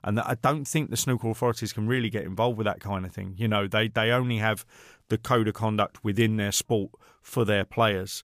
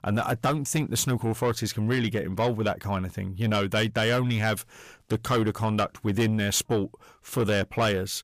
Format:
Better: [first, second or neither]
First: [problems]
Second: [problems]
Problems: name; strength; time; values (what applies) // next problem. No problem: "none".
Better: first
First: none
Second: distortion; slight; 10 dB below the speech